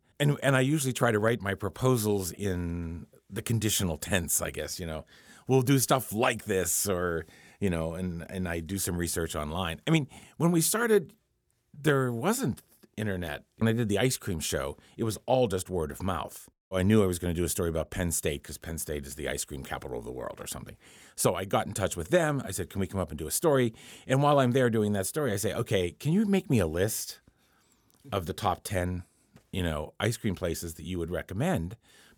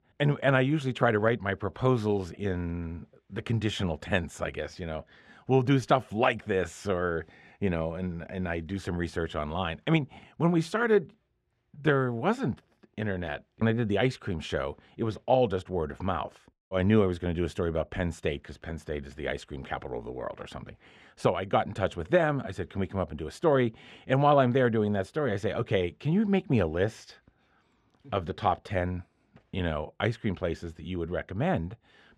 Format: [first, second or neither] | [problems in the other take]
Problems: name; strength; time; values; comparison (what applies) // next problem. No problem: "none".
first | muffled; very; fading above 2.5 kHz